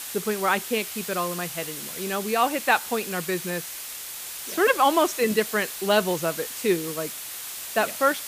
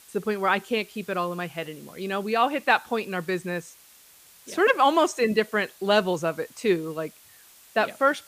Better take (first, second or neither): second